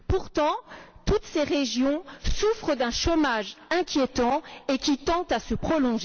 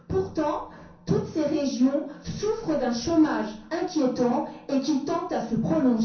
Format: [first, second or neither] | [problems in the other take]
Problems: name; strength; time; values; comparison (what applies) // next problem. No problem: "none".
first | room echo; dies away in 0.6 s